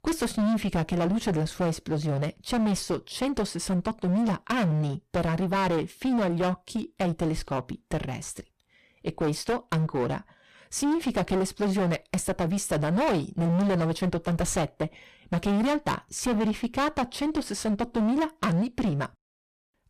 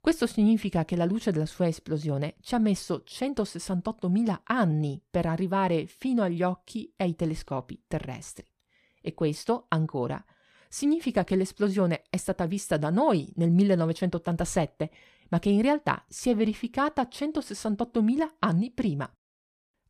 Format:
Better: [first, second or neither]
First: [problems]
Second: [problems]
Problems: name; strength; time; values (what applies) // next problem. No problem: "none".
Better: second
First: distortion; heavy; 21% of the sound clipped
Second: none